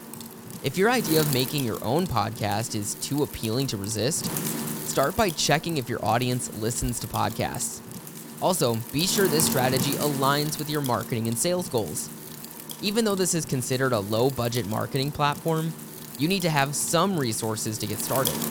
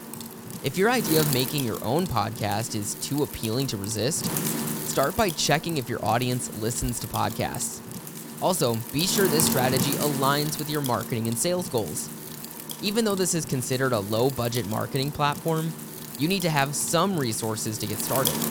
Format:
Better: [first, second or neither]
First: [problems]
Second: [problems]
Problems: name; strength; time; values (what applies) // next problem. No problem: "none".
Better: first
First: wind noise on the microphone; occasional gusts; 10 dB below the speech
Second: wind noise on the microphone; heavy; 8 dB below the speech